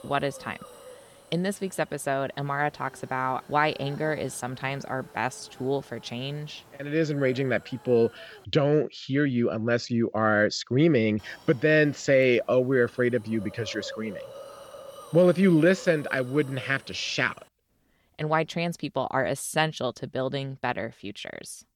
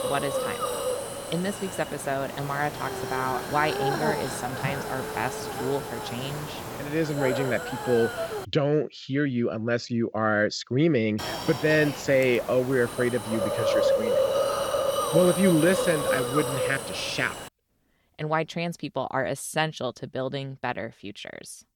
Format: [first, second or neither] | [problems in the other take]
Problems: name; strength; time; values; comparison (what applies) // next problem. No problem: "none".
first | hiss; loud; until 8.5 s and from 11 to 17 s; 3 dB below the speech; faint in the first